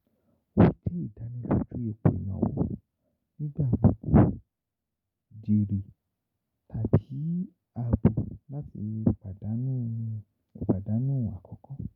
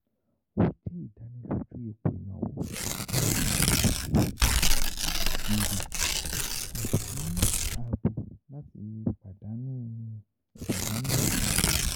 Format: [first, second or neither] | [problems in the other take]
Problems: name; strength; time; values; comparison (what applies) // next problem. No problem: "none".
first | background sound (Tearing); 4 dB above the speech